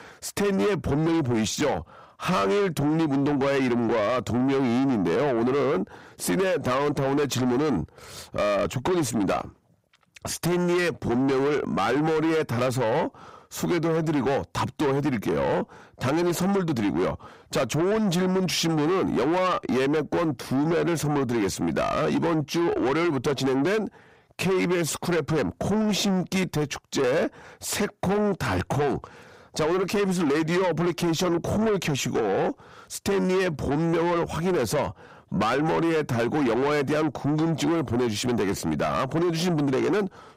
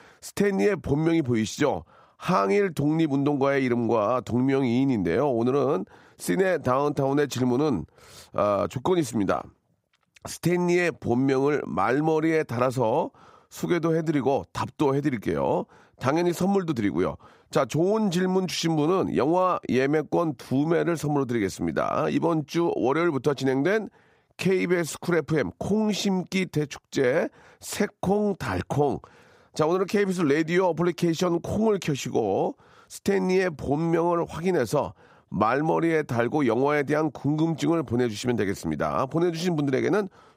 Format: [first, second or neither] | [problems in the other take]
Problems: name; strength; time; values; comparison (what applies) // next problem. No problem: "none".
second | distortion; heavy; 8 dB below the speech